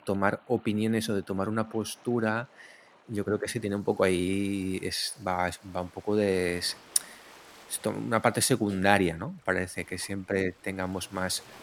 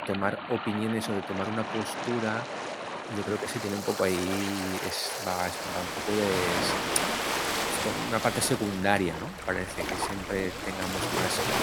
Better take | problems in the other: first | rain or running water; loud; throughout; 1 dB below the speech; faint in the first

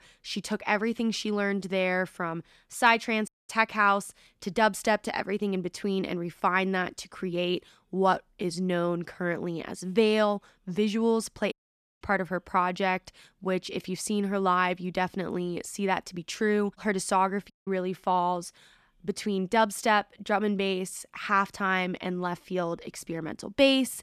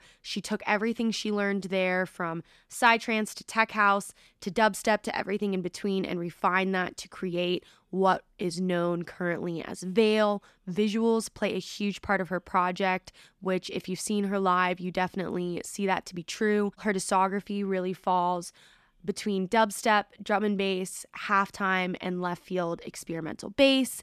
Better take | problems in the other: second | audio cutting out; at 3.5 s, at 12 s and at 18 s

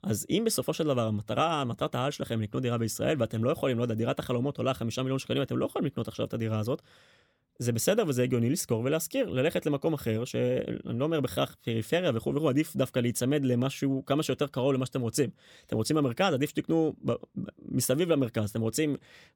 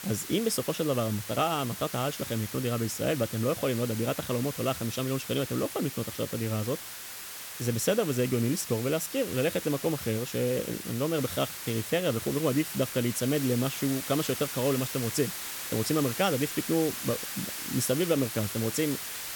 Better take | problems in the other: first | hiss; loud; throughout; 6 dB below the speech

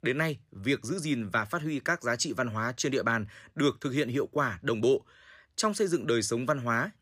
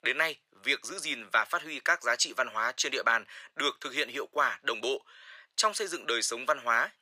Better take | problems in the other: first | thin; very; fading below 750 Hz

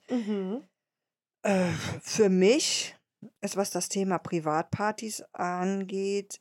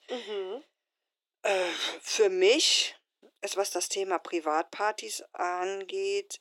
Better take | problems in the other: first | thin; very; fading below 350 Hz

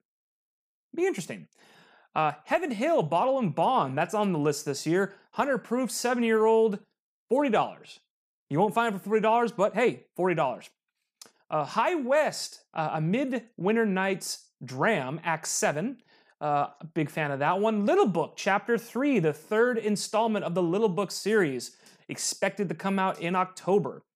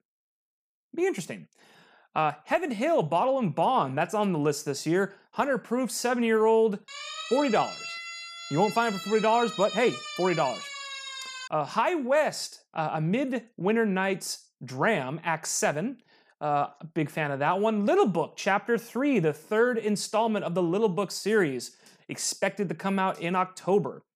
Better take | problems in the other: first | siren; noticeable; from 7 to 11 s; peak 8 dB below the speech

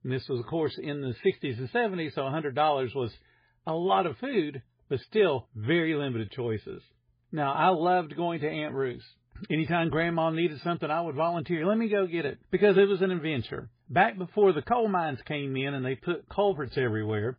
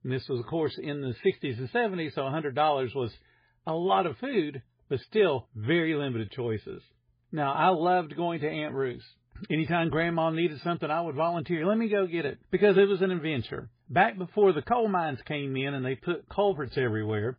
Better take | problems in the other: neither | garbled, watery; badly; nothing above 5 kHz; the same in both

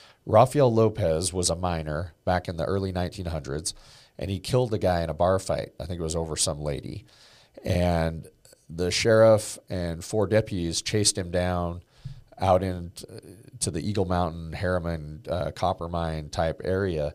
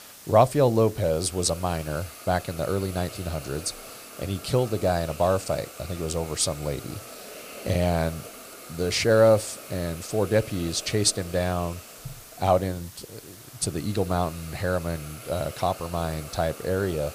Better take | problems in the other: first | hiss; noticeable; throughout; 15 dB below the speech

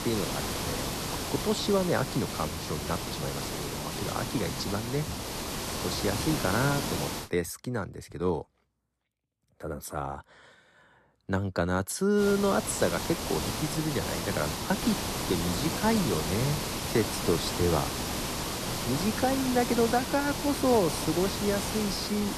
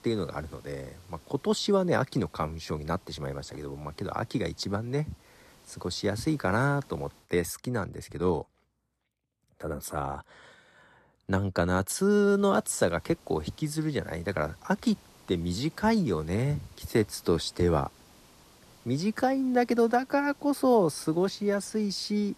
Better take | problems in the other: second | hiss; loud; until 7 s and from 12 s on; 2 dB below the speech; faint in the second

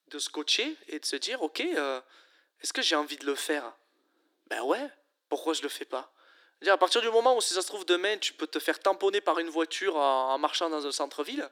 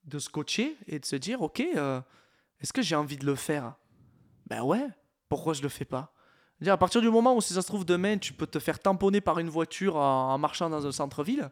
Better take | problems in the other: second | thin; somewhat; fading below 300 Hz

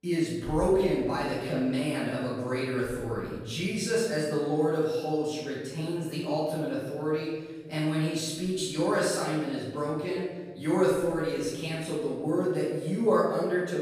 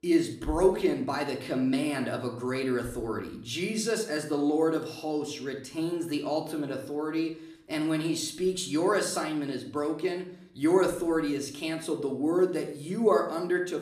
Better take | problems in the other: second | room echo; strong; dies away in 1.4 s; slight in the second // off-mic speech; far; somewhat distant in the second

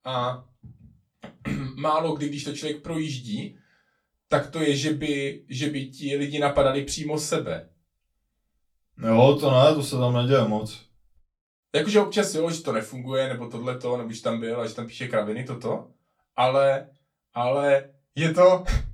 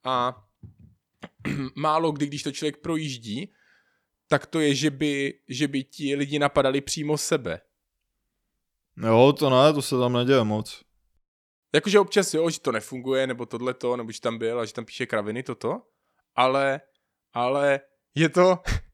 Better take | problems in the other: second | off-mic speech; far // room echo; very slight; dies away in 0.2 s

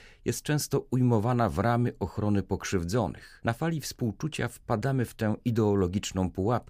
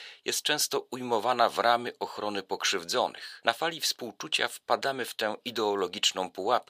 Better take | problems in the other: first | thin; very; fading below 650 Hz

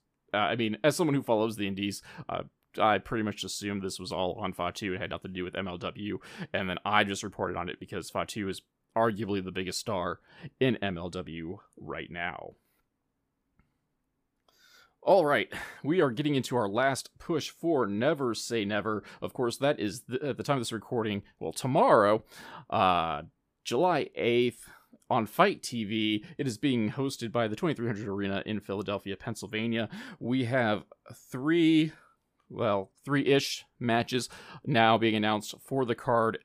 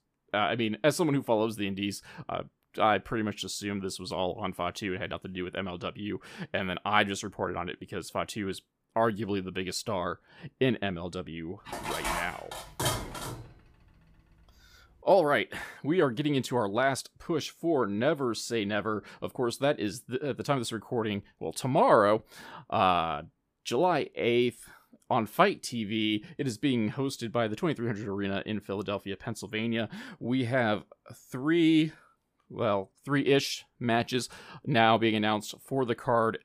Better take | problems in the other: first | clattering dishes; noticeable; from 12 to 13 s; peak 1 dB below the speech

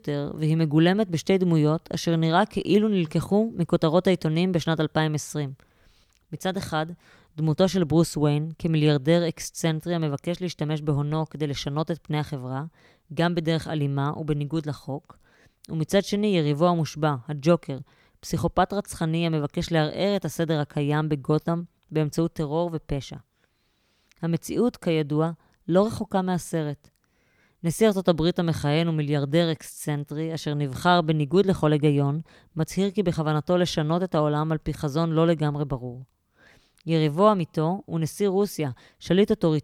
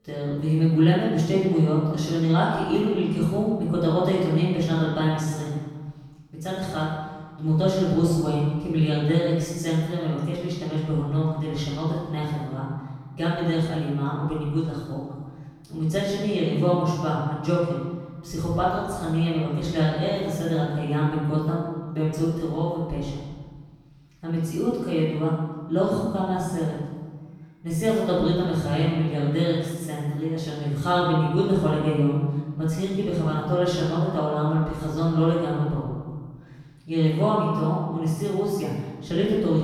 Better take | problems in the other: first | off-mic speech; far // room echo; strong; dies away in 1.3 s

